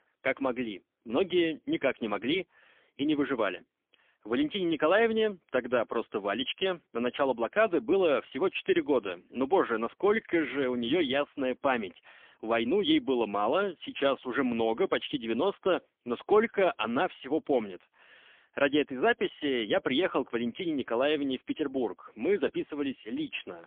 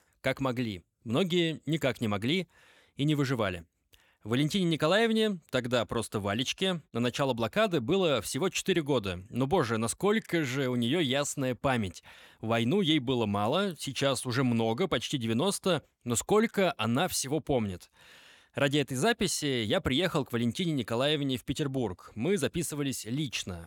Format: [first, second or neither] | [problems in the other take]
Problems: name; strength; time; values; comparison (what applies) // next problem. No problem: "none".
second | phone-call audio; poor line; nothing above 3.5 kHz